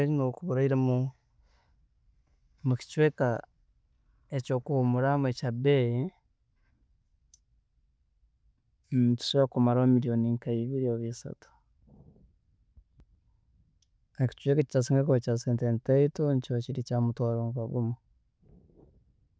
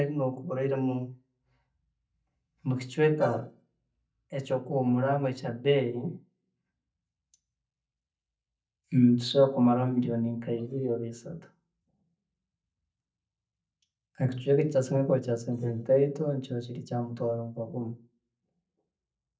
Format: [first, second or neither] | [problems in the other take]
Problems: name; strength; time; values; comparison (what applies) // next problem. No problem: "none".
first | noise reduction (neural mask model DeepFilterNet 3)